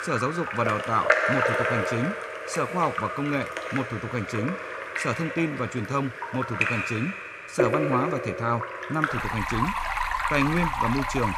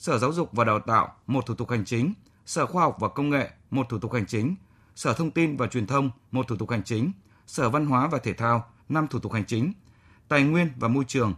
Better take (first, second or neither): second